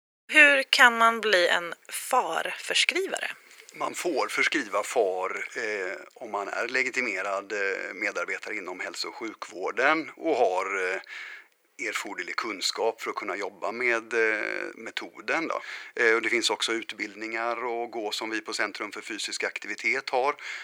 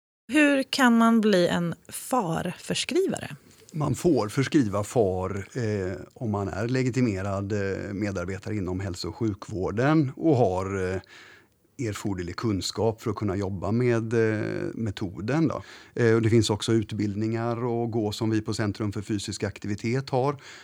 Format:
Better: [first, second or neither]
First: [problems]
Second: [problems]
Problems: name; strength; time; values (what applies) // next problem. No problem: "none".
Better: second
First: thin; very; fading below 450 Hz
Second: none